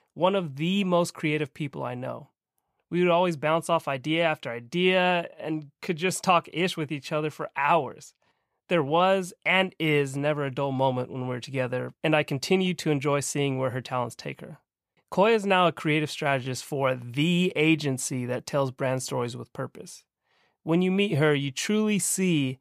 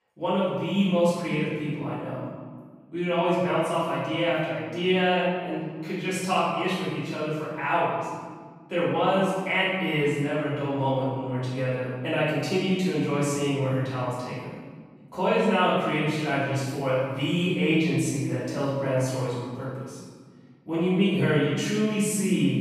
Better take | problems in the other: first | off-mic speech; far // room echo; strong; dies away in 1.6 s

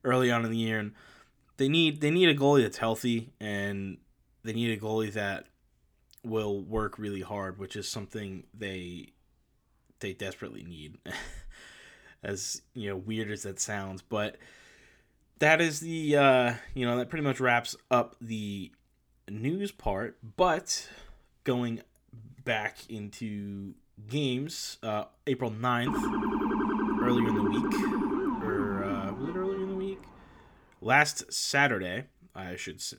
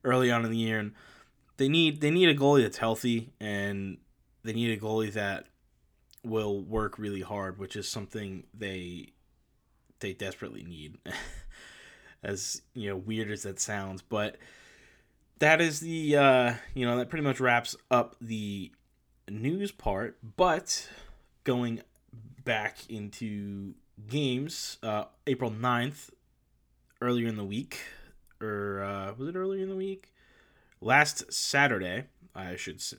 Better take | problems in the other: second | siren; loud; from 26 to 30 s; peak 1 dB above the speech

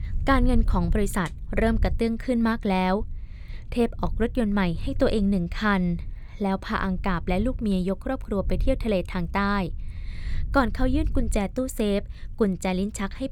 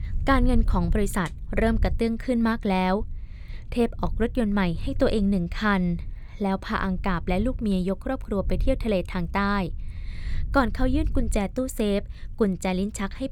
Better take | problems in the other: neither | low rumble; faint; throughout; 25 dB below the speech; the same in both

